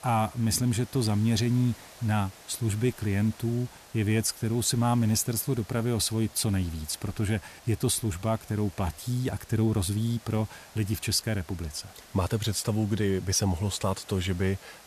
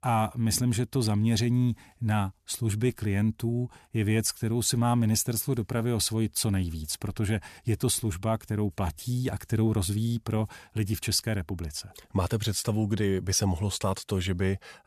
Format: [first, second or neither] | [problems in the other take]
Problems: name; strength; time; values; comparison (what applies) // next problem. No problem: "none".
second | hiss; faint; throughout; 20 dB below the speech